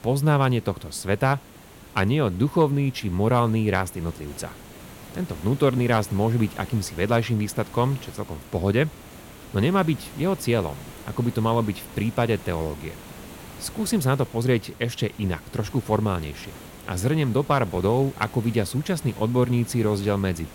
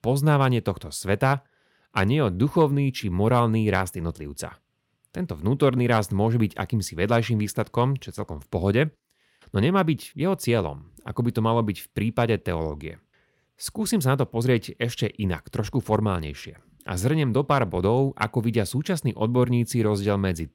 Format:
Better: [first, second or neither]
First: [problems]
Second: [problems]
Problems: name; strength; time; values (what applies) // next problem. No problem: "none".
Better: second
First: hiss; noticeable; throughout; 20 dB below the speech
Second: none